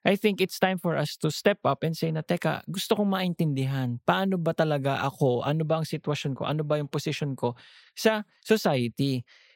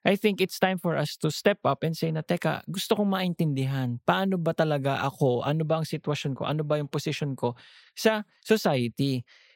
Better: neither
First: none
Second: none

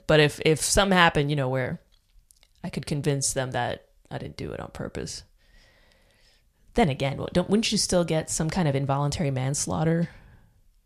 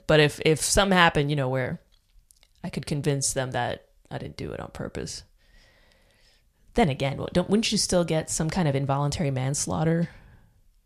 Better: neither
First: none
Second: none

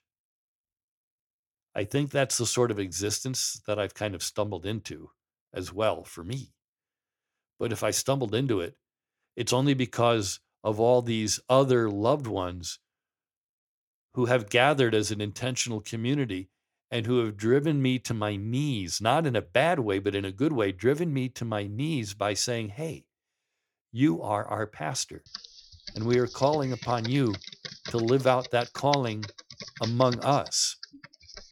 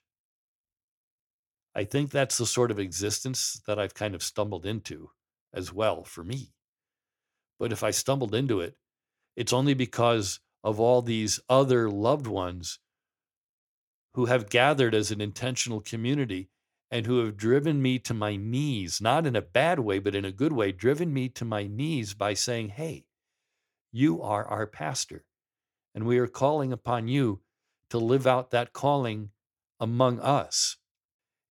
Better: second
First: keyboard typing; noticeable; from 25 s on; peak 7 dB below the speech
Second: none

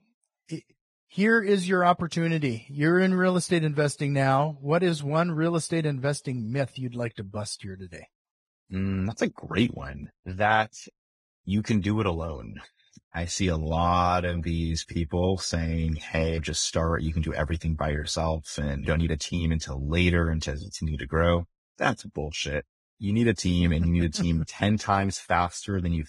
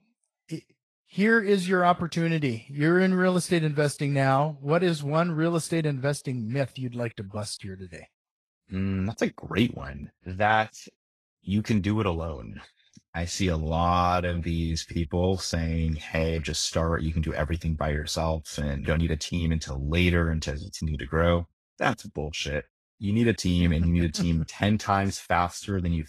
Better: second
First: garbled, watery; badly; nothing above 10 kHz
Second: garbled, watery; slightly; nothing above 12.5 kHz

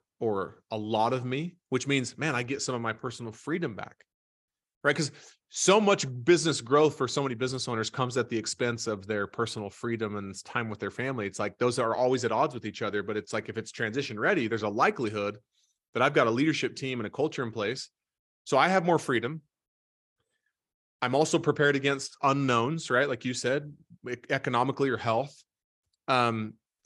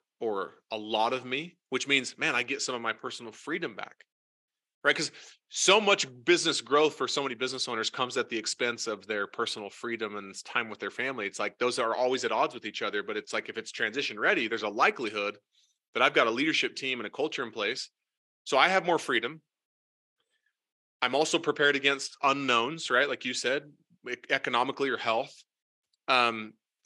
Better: first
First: none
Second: thin; very slightly; fading below 300 Hz

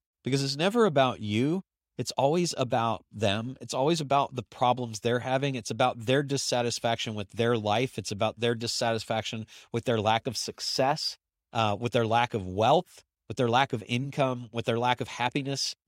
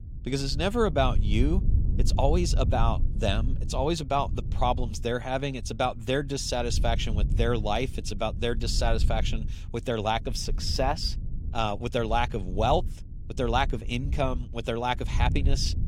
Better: first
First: none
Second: low rumble; noticeable; throughout; 20 dB below the speech

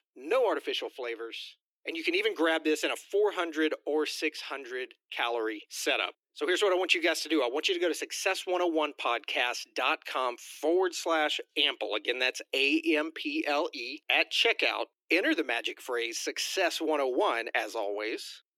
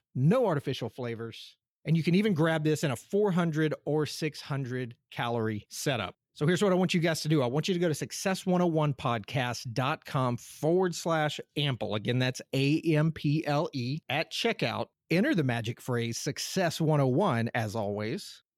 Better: second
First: thin; very; fading below 300 Hz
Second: none

